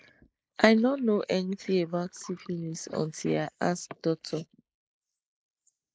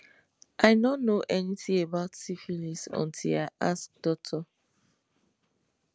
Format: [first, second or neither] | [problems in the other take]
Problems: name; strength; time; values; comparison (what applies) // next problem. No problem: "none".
second | noise reduction (neural mask model Resemble Enhance denoiser)